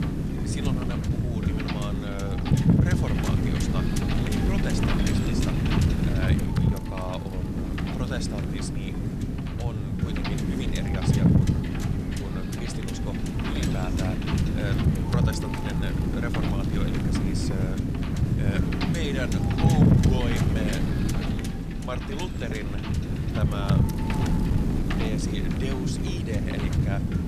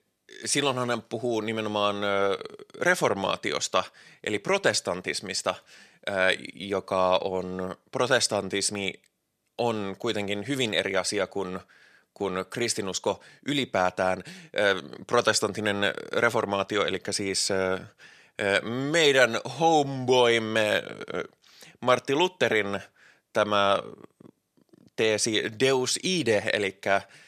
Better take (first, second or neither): second